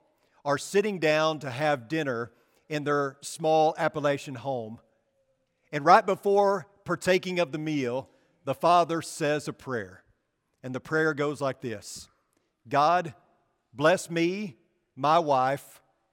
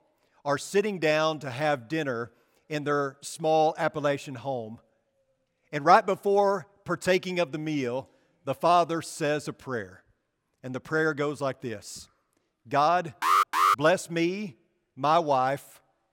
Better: first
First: none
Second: alarm; loud; at 13 s; peak 5 dB above the speech

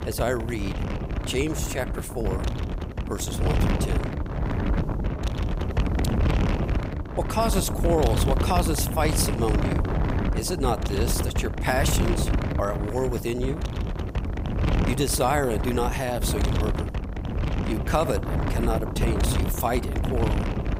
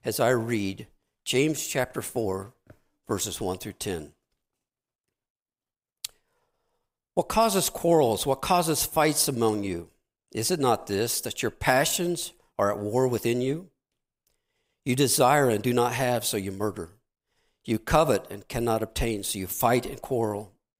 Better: second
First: wind noise on the microphone; heavy; 5 dB below the speech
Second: none

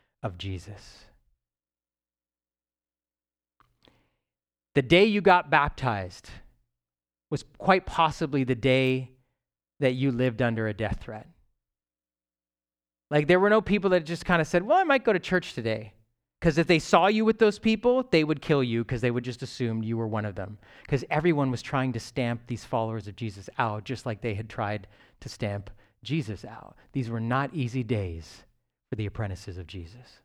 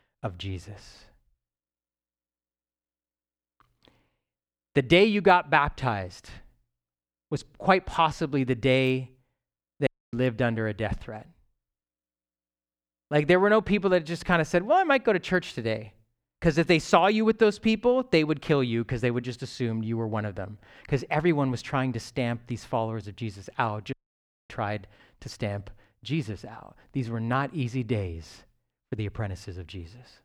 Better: first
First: none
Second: audio cutting out; at 10 s and at 24 s for 0.5 s

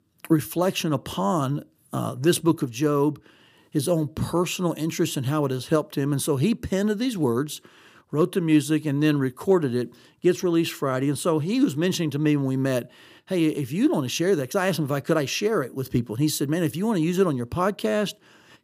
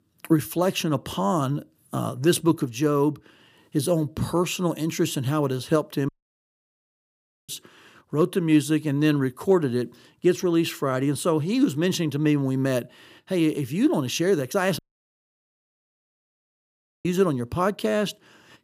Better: first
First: none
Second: audio cutting out; at 6 s for 1.5 s and at 15 s for 2.5 s

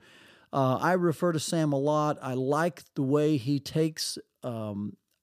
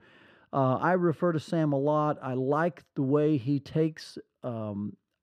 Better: first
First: none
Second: muffled; slightly; fading above 4 kHz

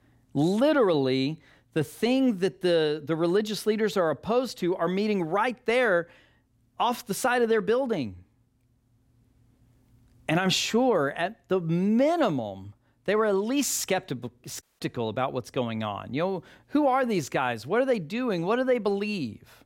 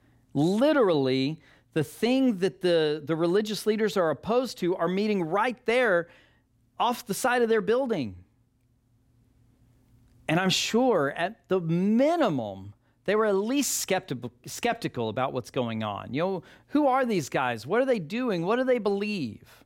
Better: second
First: audio cutting out; at 15 s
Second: none

